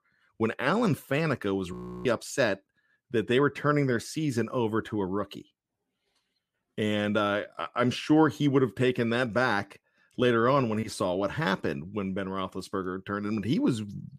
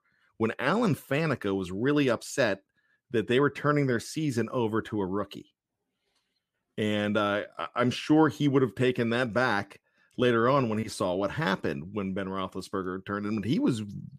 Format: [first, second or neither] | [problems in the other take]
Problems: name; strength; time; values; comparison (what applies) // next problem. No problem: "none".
second | audio freezing; at 1.5 s